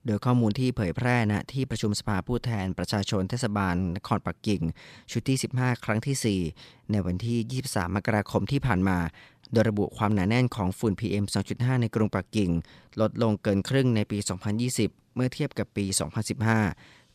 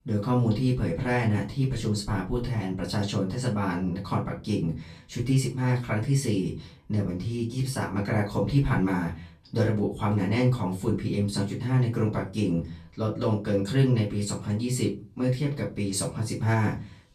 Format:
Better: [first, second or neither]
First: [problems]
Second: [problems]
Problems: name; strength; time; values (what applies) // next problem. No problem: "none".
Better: first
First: none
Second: room echo; slight; dies away in 0.3 s // off-mic speech; far